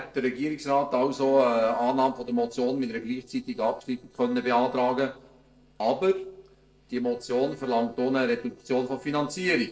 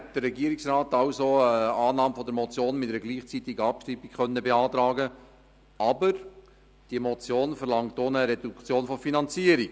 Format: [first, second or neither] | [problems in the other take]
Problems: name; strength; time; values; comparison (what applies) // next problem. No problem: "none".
second | noise reduction (neural separator model SepFormer DNS4)